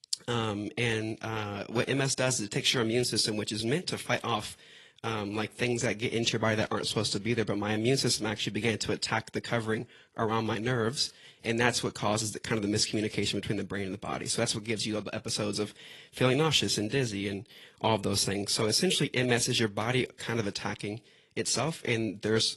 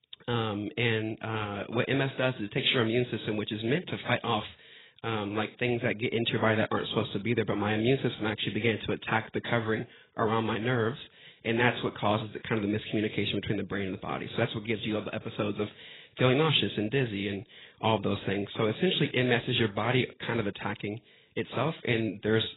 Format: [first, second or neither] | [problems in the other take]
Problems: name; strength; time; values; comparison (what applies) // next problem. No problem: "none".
first | garbled, watery; badly; nothing above 4 kHz; slightly in the first